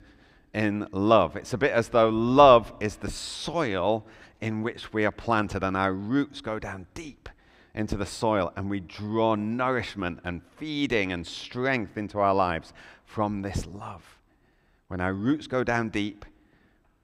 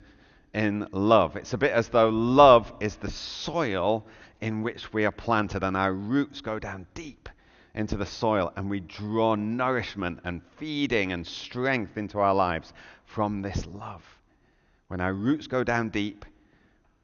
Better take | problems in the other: first | garbled, watery; slightly; nothing above 6.5 kHz

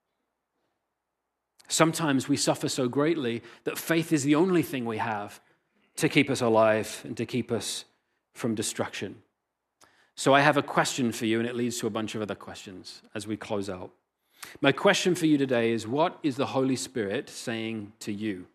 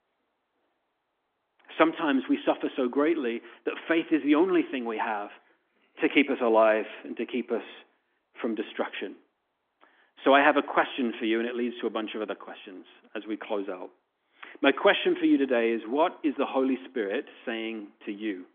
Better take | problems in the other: first | phone-call audio; nothing above 3.5 kHz

